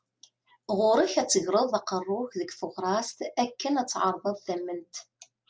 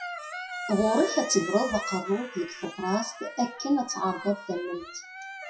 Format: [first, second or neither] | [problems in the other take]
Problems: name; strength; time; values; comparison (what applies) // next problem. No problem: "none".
first | noise reduction (classical method WPE with log-MMSE)